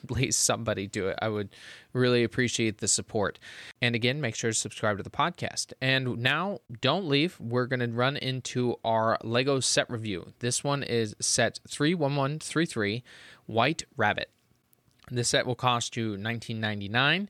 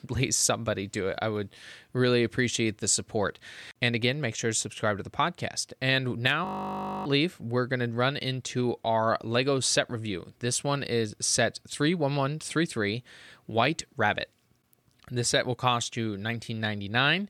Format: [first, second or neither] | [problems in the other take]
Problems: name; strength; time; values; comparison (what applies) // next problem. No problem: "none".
first | audio freezing; at 6.5 s for 0.5 s